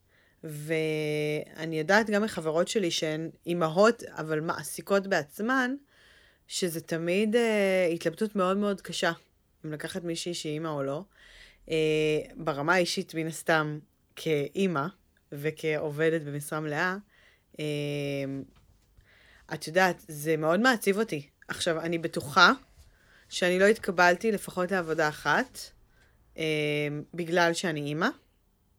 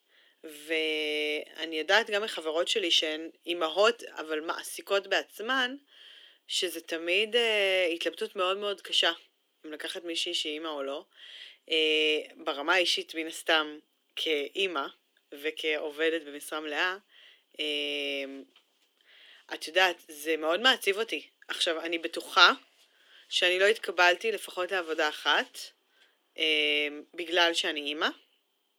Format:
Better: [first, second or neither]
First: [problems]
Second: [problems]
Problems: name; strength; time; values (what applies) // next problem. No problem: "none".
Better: first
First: none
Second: thin; somewhat; fading below 300 Hz